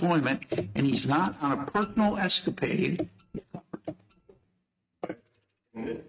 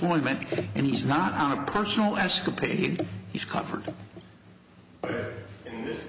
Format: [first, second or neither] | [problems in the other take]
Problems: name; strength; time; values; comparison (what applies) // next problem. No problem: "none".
second | noise reduction (neural mask model RNNoise)